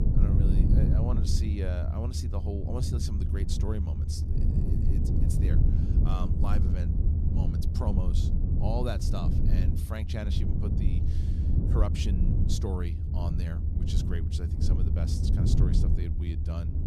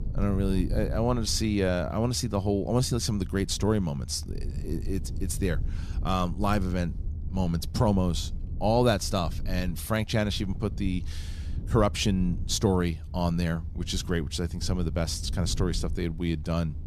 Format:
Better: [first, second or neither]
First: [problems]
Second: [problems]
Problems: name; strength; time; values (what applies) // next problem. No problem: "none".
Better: second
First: low rumble; loud; throughout; 1 dB below the speech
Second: low rumble; faint; throughout; 20 dB below the speech